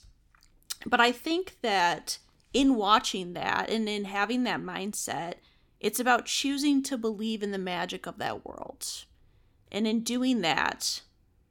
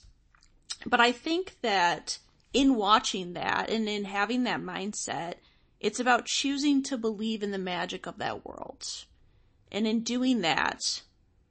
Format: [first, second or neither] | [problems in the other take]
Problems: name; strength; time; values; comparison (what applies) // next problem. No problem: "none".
first | garbled, watery; slightly; nothing above 8 kHz